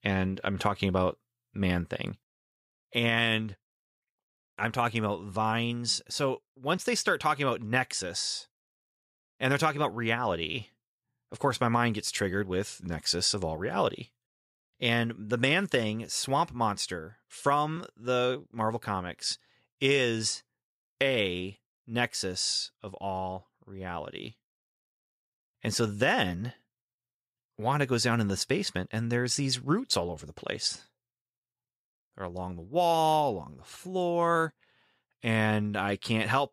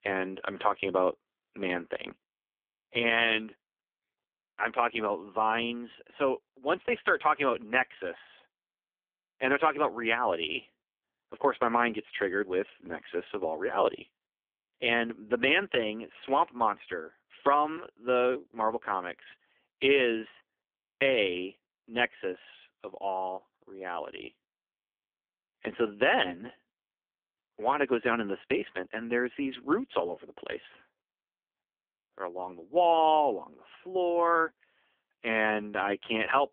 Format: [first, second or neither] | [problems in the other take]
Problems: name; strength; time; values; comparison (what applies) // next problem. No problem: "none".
first | phone-call audio; poor line; nothing above 3.5 kHz